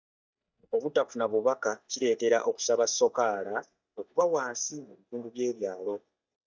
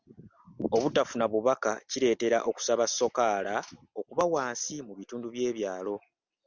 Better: second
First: noise reduction (neural mask model DeepFilterNet 3)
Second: none

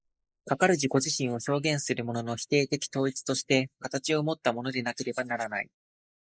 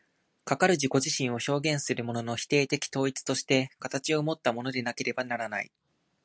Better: second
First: noise reduction (neural mask model Resemble Enhance denoiser)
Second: none

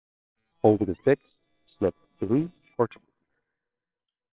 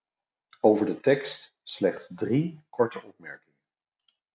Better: second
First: noise reduction (neural separator model SepFormer WHAMR!)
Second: none

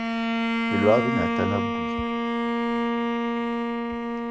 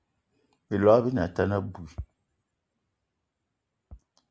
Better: second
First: background sound (Bowed string instrument); 4 dB above the speech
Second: none

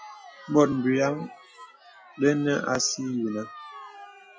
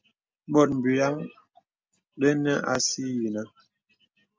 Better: second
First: noise reduction (classical method log-MMSE)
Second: none

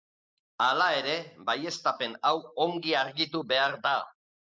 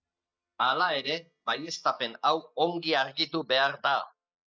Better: first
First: none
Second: noise reduction (neural mask model DeepFilterNet 3)

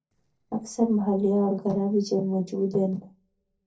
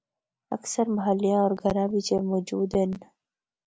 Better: second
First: noise reduction (neural separator model SepFormer DNS4)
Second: none

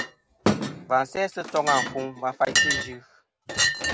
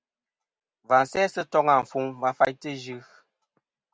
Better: second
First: background sound (Chink, clink); 1 dB above the speech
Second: none

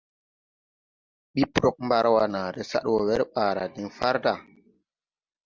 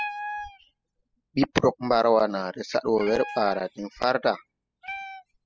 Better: first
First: none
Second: noise reduction (classical method spectral subtraction)

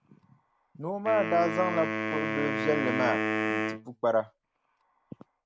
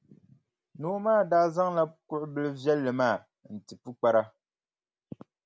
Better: second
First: background sound (Wind instrument, woodwind instrument); 2 dB below the speech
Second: none

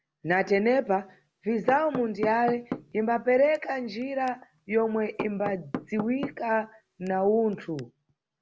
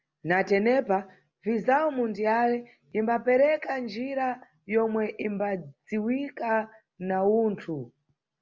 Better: second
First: background sound (Knock / Wood); 13 dB below the speech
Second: none

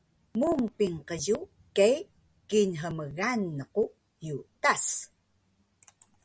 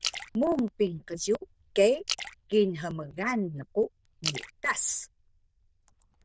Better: first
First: none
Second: noise reduction (neural diffusion model UNIVERSE++)

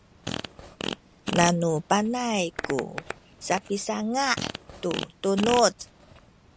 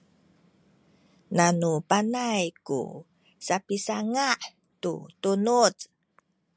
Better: second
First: background sound (Fart); 9 dB below the speech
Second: none

